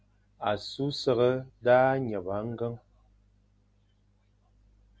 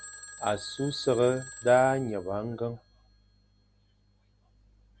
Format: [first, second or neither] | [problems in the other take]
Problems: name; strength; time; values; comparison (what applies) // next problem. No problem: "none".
first | background sound (Telephone); 17 dB below the speech